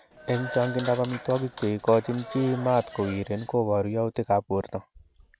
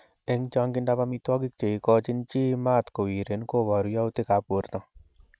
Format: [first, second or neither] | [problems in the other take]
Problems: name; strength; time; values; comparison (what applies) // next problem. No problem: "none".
second | background sound (Applause / Clapping); 13 dB below the speech